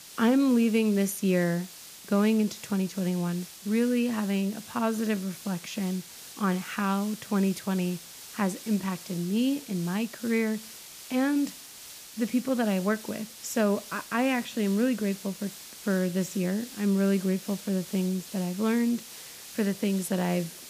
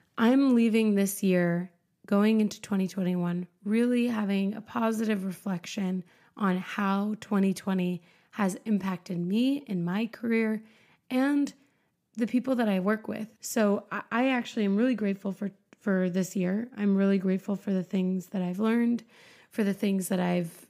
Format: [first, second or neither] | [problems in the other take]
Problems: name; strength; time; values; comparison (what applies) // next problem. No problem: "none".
second | hiss; noticeable; throughout; 15 dB below the speech